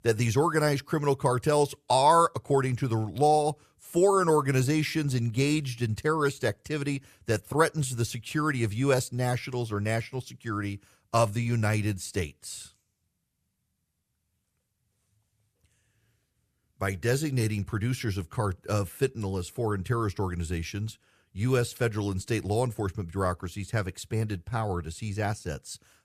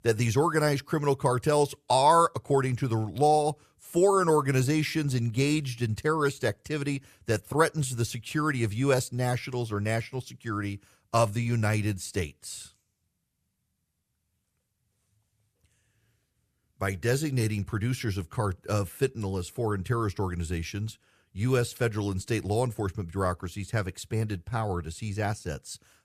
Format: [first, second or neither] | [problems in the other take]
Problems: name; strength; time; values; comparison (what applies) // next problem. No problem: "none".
neither | none